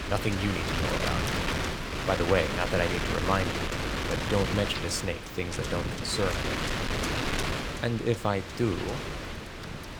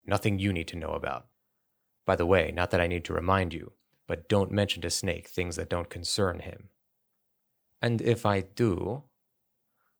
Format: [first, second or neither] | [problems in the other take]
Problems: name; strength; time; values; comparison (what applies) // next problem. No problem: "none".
second | wind noise on the microphone; heavy; as loud as the speech